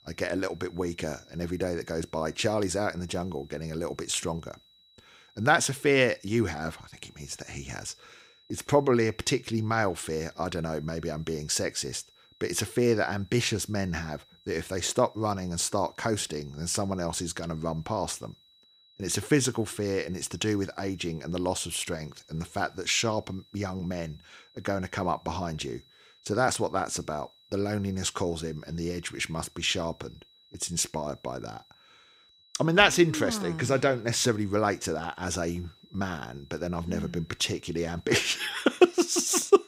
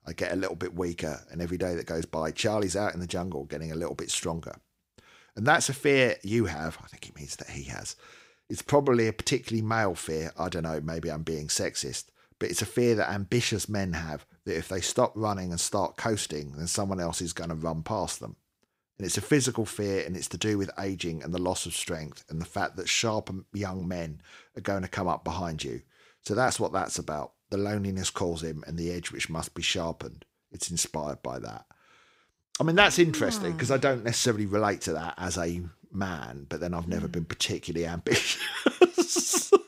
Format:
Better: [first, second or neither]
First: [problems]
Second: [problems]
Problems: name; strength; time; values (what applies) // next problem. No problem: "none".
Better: second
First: high-pitched whine; faint; throughout; 4 kHz, 30 dB below the speech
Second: none